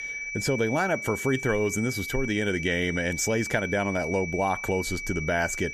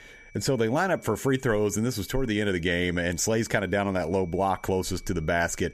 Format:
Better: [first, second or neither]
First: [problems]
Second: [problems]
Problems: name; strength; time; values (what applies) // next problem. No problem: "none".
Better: second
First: high-pitched whine; loud; throughout; 2.5 kHz, 6 dB below the speech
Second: high-pitched whine; faint; throughout; 2.5 kHz, 25 dB below the speech